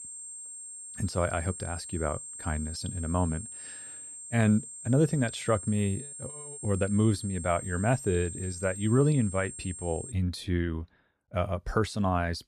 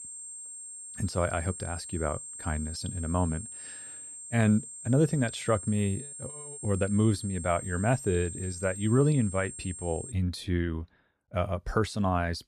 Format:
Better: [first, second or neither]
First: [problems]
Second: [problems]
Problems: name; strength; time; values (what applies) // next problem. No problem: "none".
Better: neither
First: high-pitched whine; loud; until 10 s; 8.5 kHz, 10 dB below the speech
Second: high-pitched whine; loud; until 10 s; 8.5 kHz, 10 dB below the speech